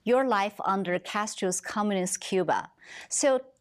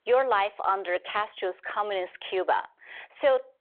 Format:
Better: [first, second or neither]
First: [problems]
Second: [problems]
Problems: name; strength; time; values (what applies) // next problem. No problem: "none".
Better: first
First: none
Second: phone-call audio